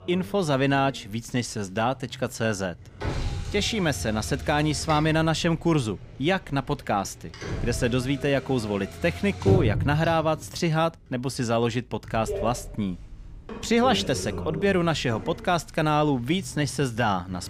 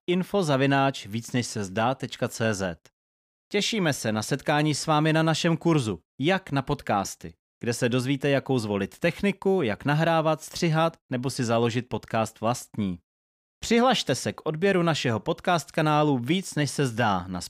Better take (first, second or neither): second